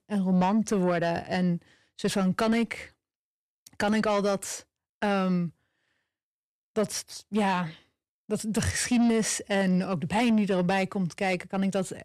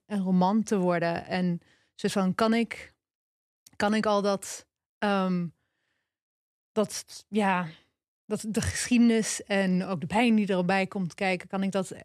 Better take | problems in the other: second | distortion; slight; 10 dB below the speech

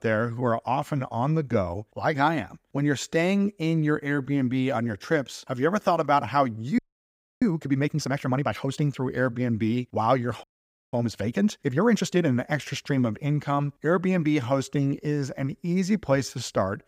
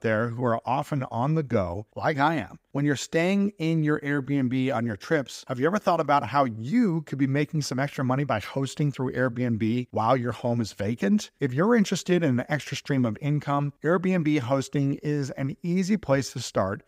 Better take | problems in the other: second | audio freezing; at 7 s for 0.5 s and at 10 s for 0.5 s

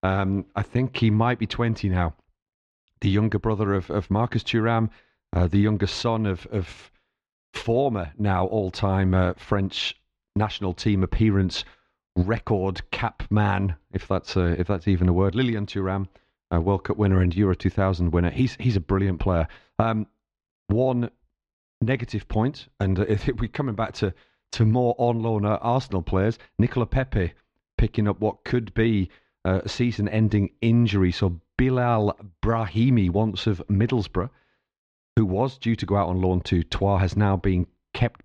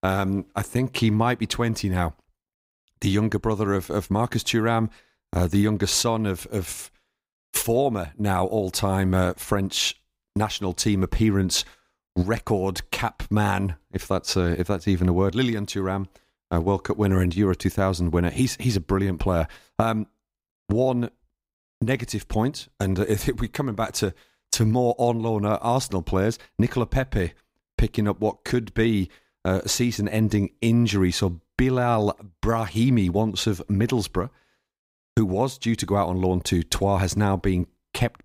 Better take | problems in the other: second | muffled; slightly; fading above 4 kHz

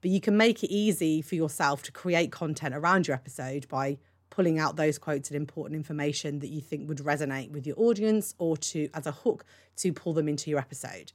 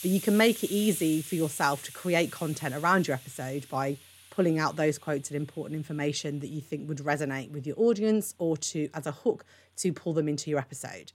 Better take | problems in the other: first | hiss; noticeable; throughout; 15 dB below the speech

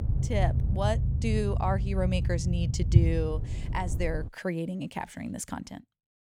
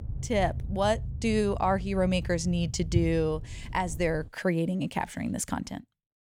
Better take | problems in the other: second | low rumble; loud; until 4.5 s; 9 dB below the speech; faint in the second

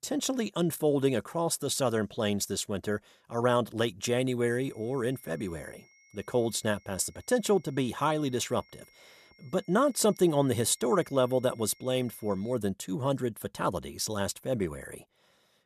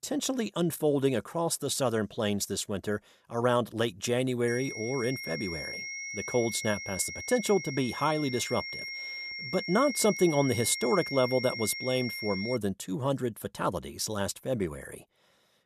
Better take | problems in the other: first | high-pitched whine; loud; from 4.5 to 13 s; 2 kHz, 7 dB below the speech; faint in the first

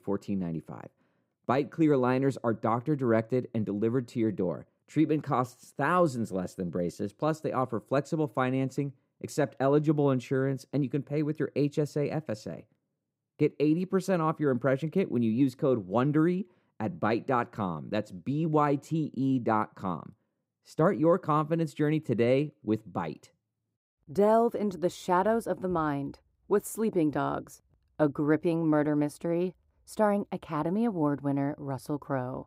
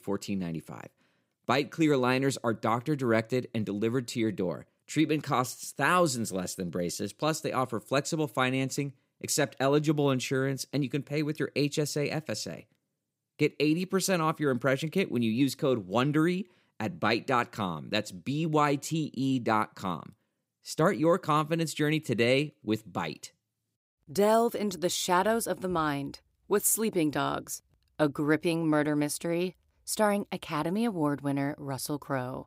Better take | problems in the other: second | muffled; slightly; fading above 2 kHz

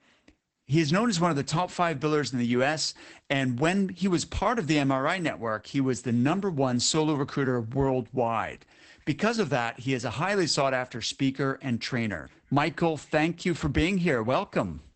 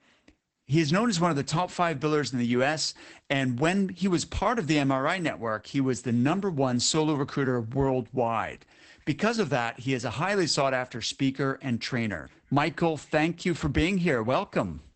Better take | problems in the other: neither | garbled, watery; badly; nothing above 8 kHz; the same in both

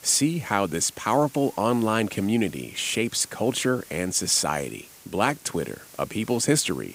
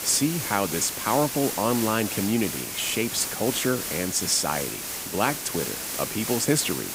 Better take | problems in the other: first | hiss; loud; throughout; 4 dB below the speech; faint in the first

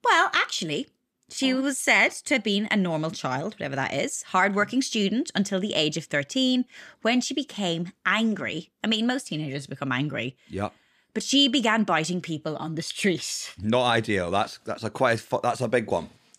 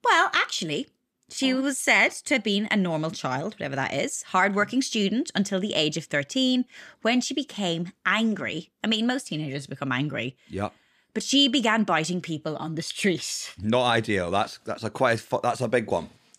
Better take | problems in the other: neither | none

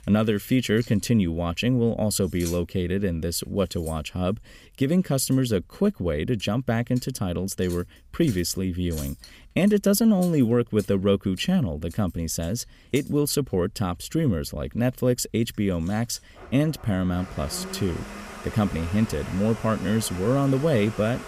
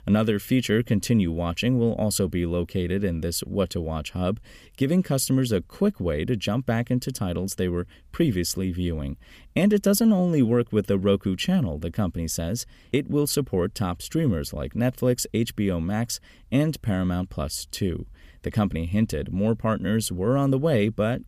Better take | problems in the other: second | household noises; noticeable; throughout; 15 dB below the speech

